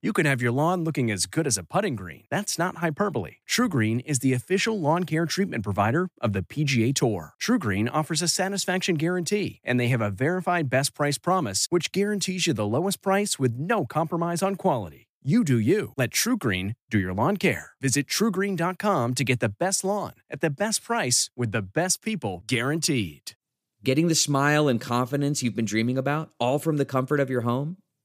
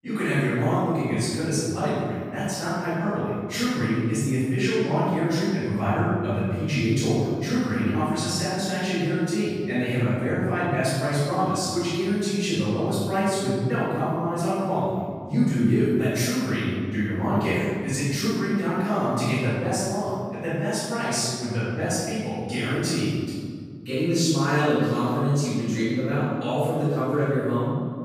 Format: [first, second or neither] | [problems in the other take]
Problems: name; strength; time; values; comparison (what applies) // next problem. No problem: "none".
first | off-mic speech; far // room echo; strong; dies away in 1.9 s